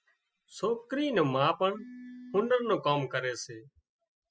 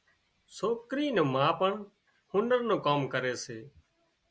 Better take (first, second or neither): second